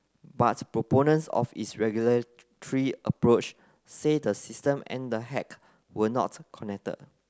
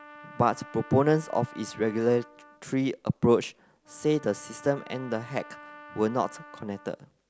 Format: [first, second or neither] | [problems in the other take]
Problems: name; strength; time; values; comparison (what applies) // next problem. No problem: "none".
first | background sound (Trumpet); 20 dB below the speech